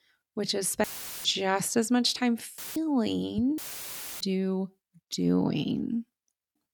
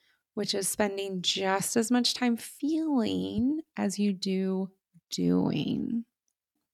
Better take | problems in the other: second | audio cutting out; filled with static; at 1 s, at 2.5 s and at 3.5 s for 0.5 s

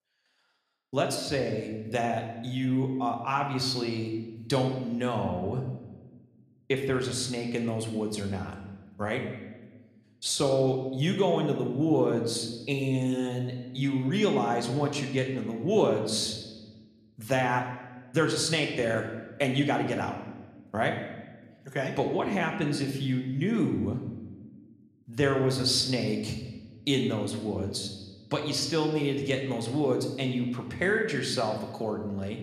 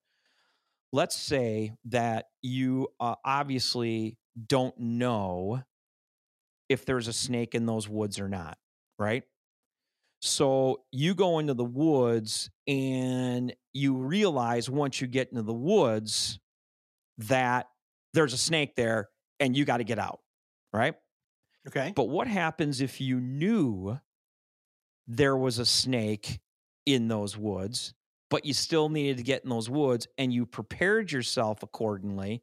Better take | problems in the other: second | room echo; slight; dies away in 1 s

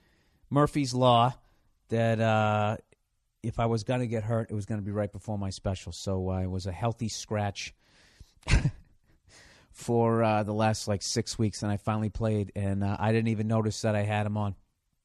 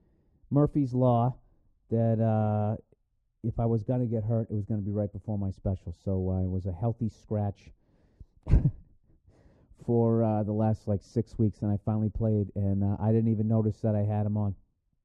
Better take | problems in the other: first | muffled; very; fading above 1 kHz

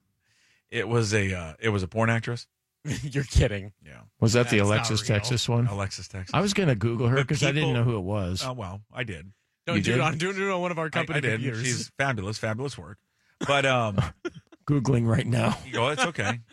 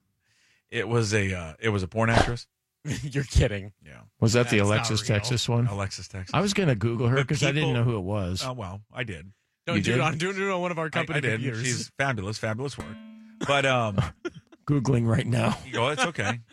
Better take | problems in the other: first | dog barking; loud; at 2 s; peak level with the speech // clattering dishes; faint; at 13 s; peak 15 dB below the speech

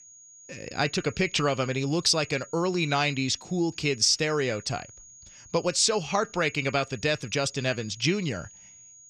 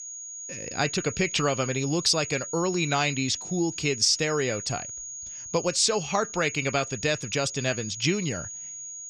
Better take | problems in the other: first | high-pitched whine; loud; throughout; 6.5 kHz, 9 dB below the speech; faint in the first

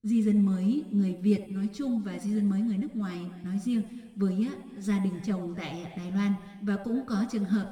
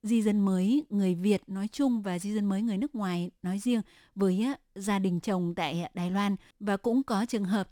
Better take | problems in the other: second | room echo; noticeable; dies away in 1.9 s // off-mic speech; somewhat distant

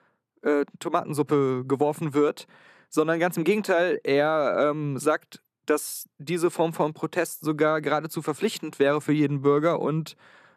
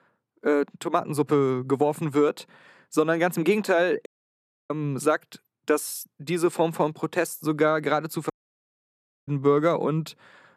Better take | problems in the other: first | audio cutting out; at 4 s for 0.5 s and at 8.5 s for 1 s

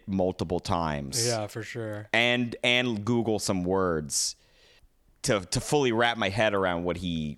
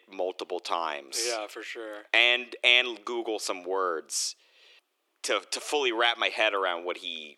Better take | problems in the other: first | thin; very; fading below 350 Hz

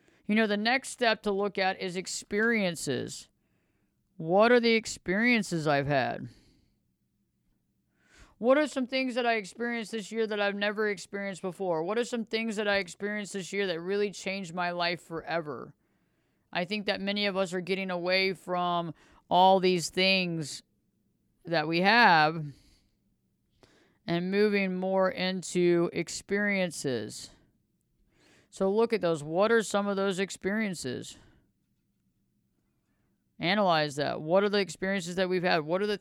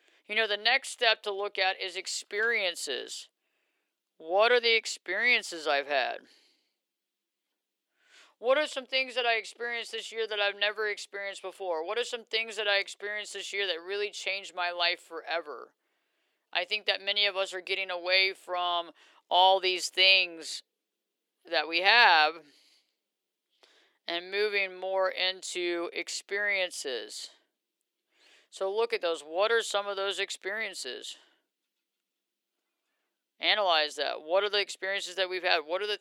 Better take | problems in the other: first | thin; very; fading below 400 Hz

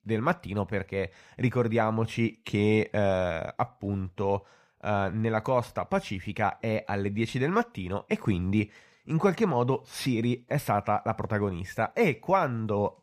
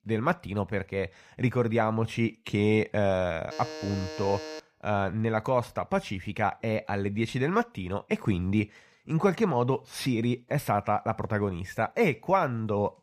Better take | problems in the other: first | alarm; noticeable; from 3.5 to 4.5 s; peak 9 dB below the speech

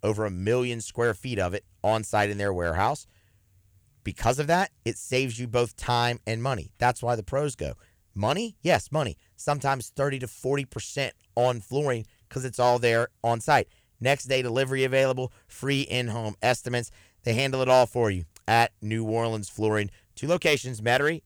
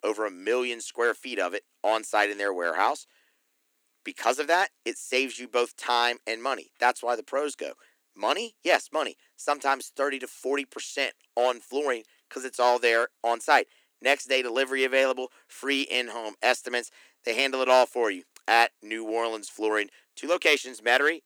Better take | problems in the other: first | thin; somewhat; fading below 250 Hz

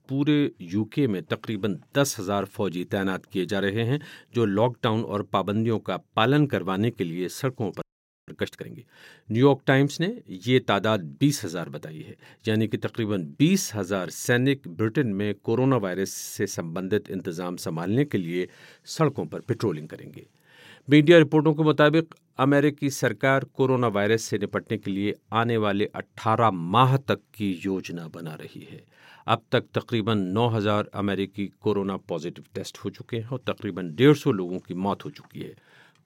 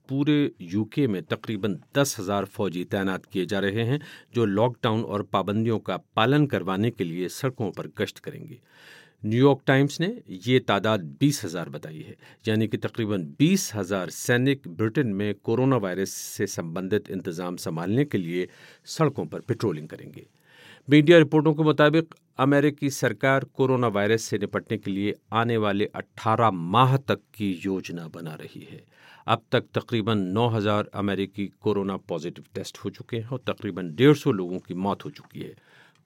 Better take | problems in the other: second | audio freezing; at 8 s

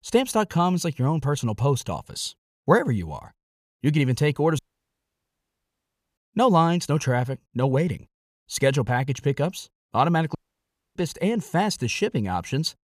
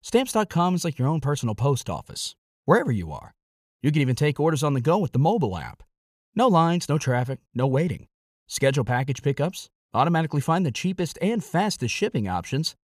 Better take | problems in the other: second | audio cutting out; at 4.5 s for 1.5 s and at 10 s for 0.5 s

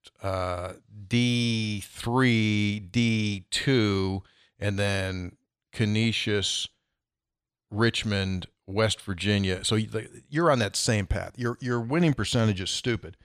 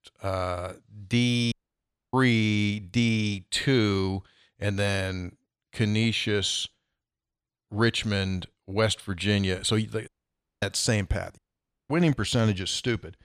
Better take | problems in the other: first | audio cutting out; at 1.5 s for 0.5 s, at 10 s for 0.5 s and at 11 s for 0.5 s

